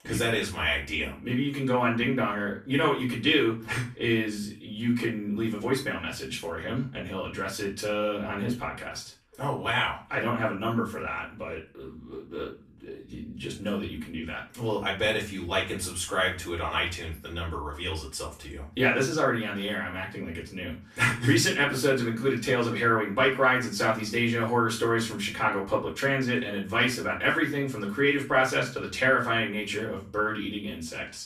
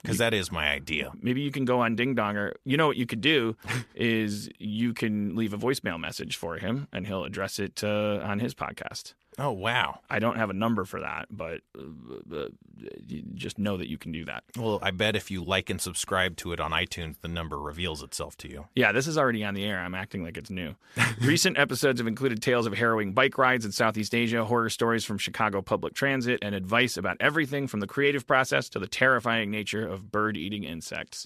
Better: second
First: off-mic speech; far // room echo; slight; dies away in 0.3 s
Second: none

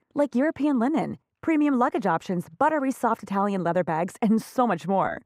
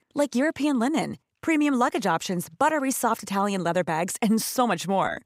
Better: second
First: muffled; slightly; fading above 2.5 kHz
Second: none

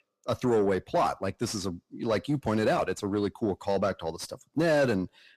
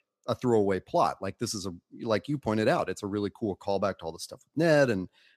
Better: second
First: distortion; slight; 10 dB below the speech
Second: none

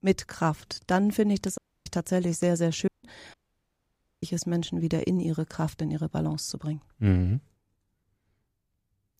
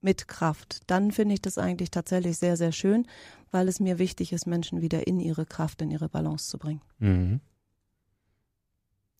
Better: second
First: audio cutting out; at 1.5 s, at 3 s and at 3.5 s for 1 s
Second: none

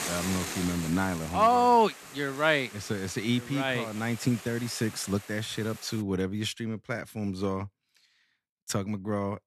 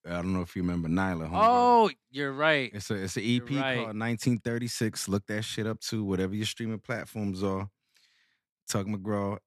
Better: second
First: hiss; noticeable; until 6 s; 10 dB below the speech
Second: none

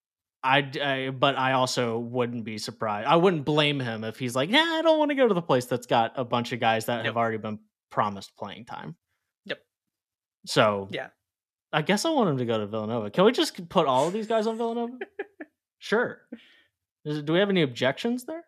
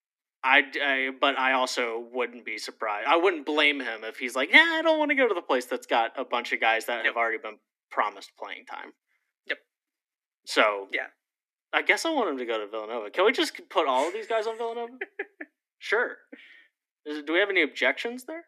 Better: first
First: none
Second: thin; somewhat; fading below 250 Hz

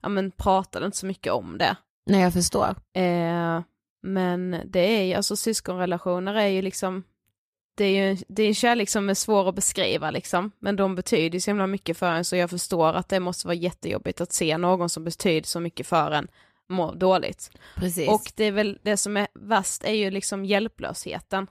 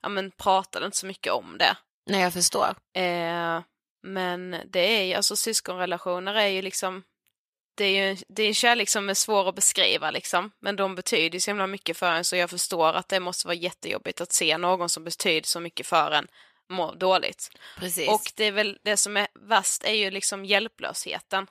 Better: first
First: none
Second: thin; somewhat; fading below 850 Hz

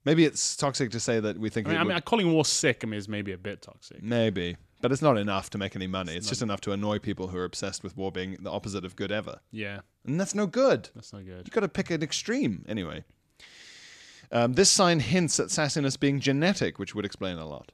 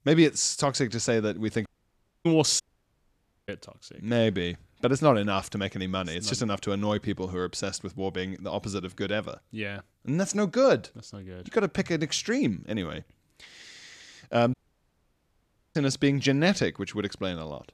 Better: first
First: none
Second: audio cutting out; at 1.5 s for 0.5 s, at 2.5 s for 1 s and at 15 s for 1 s

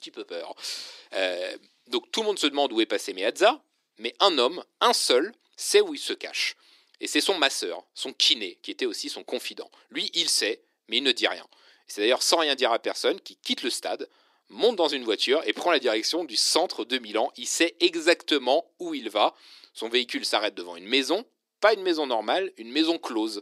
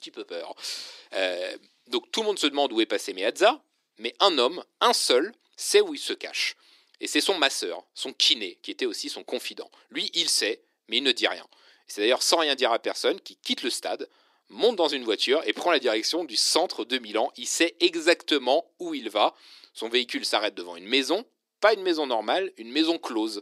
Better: neither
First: thin; somewhat; fading below 300 Hz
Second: thin; somewhat; fading below 300 Hz

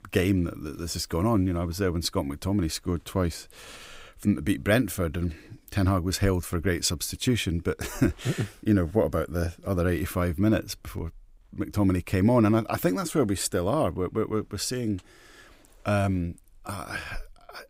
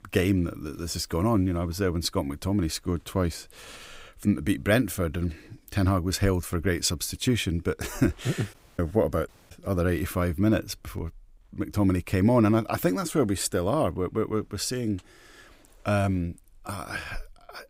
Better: first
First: none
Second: audio cutting out; at 8.5 s and at 9.5 s

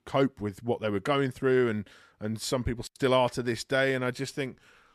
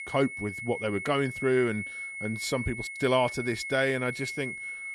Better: first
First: none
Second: high-pitched whine; loud; throughout; 2 kHz, 6 dB below the speech

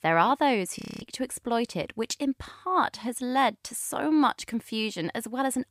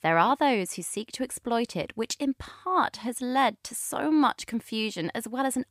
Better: second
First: audio freezing; at 1 s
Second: none

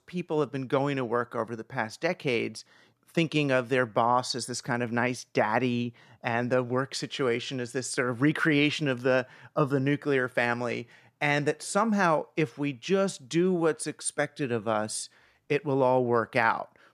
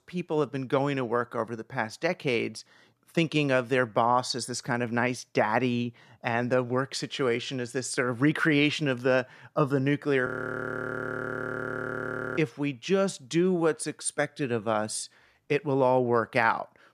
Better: first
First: none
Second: audio freezing; at 10 s for 2 s

